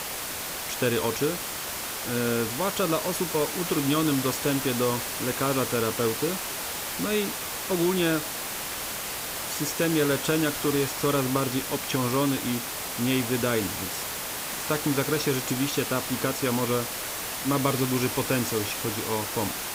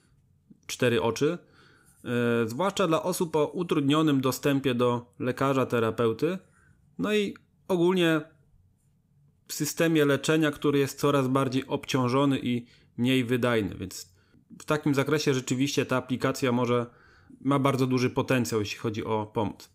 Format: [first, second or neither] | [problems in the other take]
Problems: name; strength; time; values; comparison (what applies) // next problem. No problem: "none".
second | hiss; loud; throughout; 3 dB below the speech